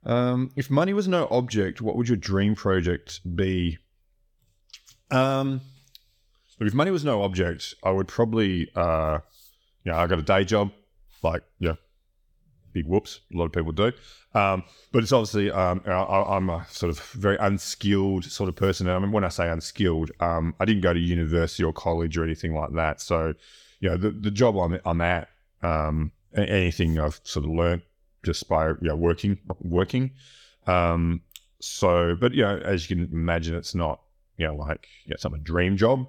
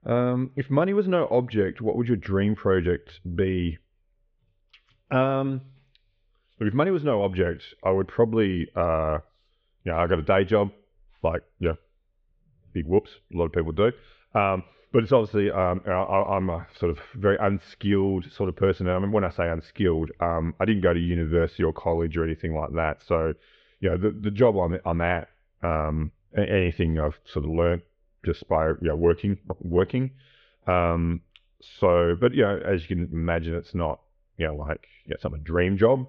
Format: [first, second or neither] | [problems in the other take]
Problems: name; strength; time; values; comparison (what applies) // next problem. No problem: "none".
first | muffled; very; fading above 3 kHz